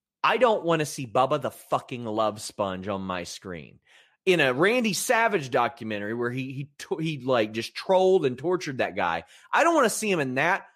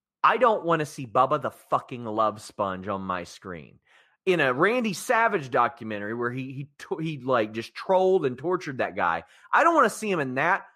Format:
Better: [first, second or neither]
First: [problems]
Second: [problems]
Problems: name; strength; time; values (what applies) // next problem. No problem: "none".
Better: first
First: none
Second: muffled; slightly; fading above 2.5 kHz